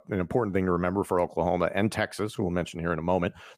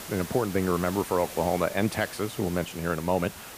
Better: first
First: none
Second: hiss; noticeable; throughout; 10 dB below the speech

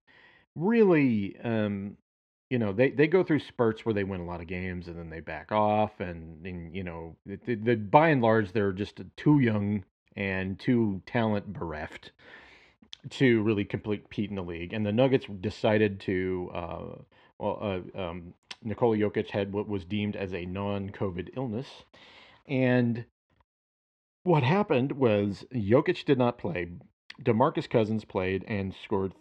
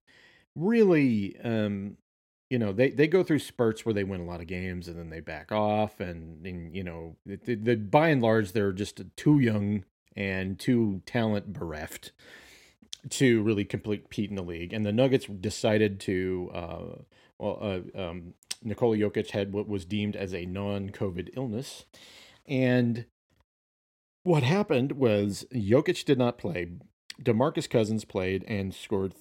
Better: second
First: muffled; slightly; fading above 3 kHz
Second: none

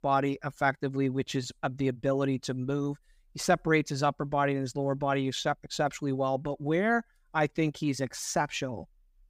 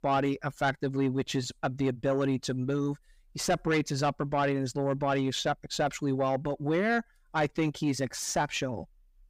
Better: first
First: none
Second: distortion; slight; 10 dB below the speech

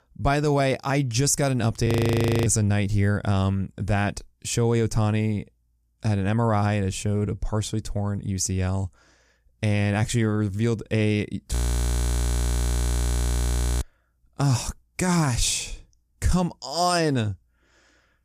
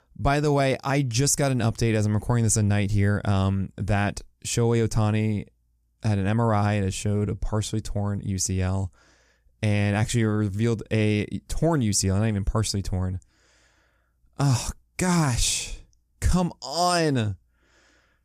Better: second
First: audio freezing; at 2 s for 0.5 s and at 12 s for 2.5 s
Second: none

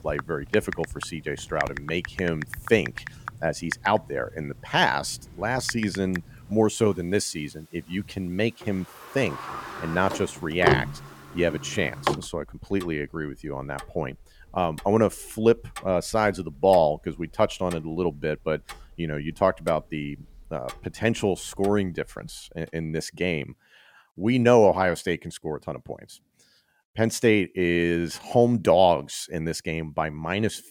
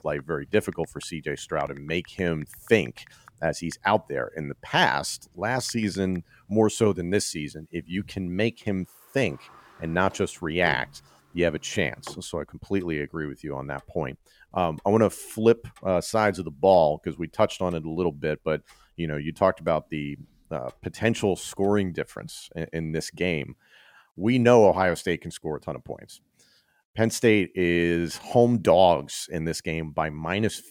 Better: second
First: household noises; loud; until 22 s; 9 dB below the speech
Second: household noises; faint; until 22 s; 25 dB below the speech

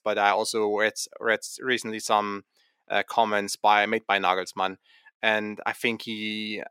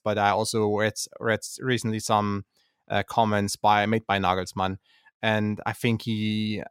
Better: second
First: thin; somewhat; fading below 350 Hz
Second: none

